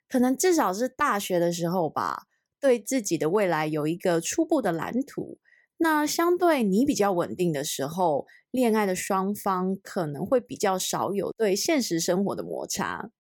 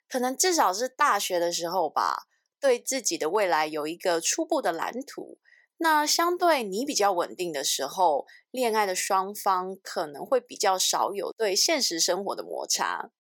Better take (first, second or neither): first